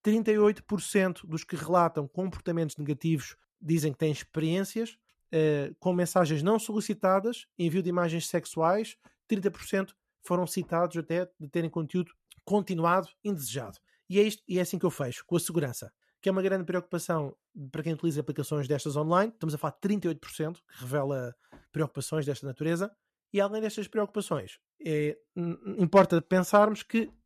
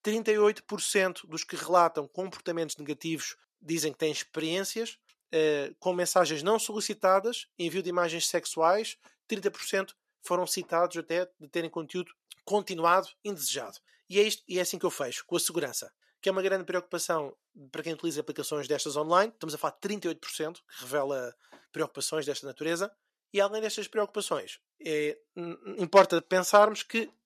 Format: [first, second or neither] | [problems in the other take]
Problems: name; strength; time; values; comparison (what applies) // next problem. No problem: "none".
first | thin; somewhat; fading below 350 Hz